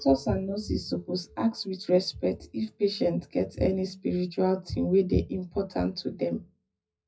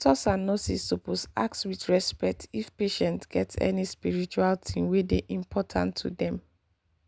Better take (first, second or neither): second